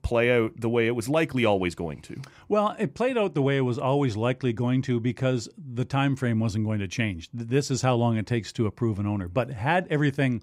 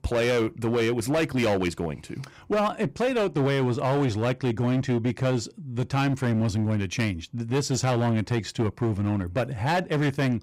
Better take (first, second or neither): first